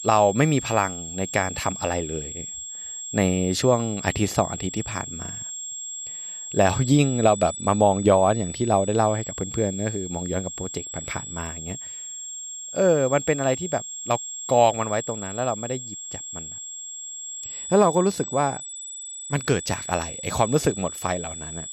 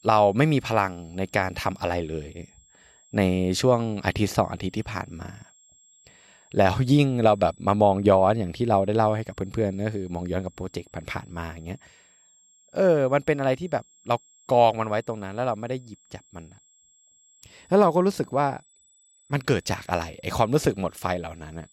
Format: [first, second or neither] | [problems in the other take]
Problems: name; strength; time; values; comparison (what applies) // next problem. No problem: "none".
second | high-pitched whine; loud; throughout; 7.5 kHz, 9 dB below the speech; faint in the second